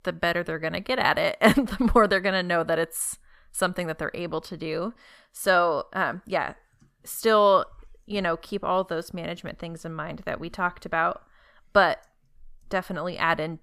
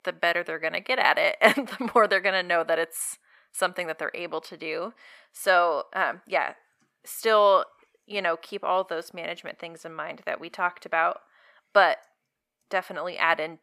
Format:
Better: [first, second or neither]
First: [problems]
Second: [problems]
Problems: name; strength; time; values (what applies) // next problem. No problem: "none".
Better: first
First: none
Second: thin; somewhat; fading below 350 Hz